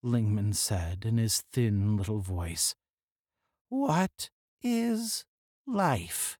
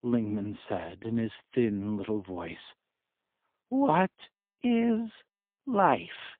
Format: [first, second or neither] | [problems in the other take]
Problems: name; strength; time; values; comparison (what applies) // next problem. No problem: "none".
first | phone-call audio; poor line